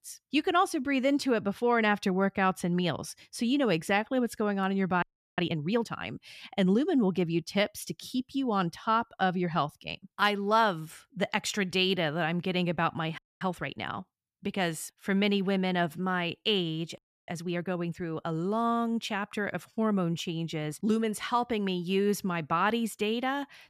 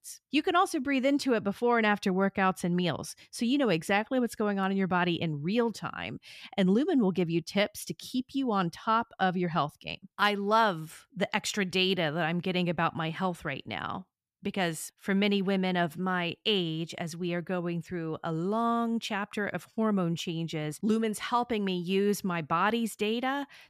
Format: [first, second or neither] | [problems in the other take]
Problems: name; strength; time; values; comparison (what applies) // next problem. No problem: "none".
second | audio freezing; at 5 s, at 13 s and at 17 s